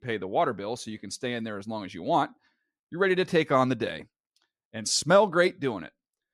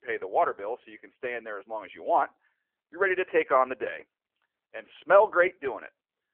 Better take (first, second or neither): first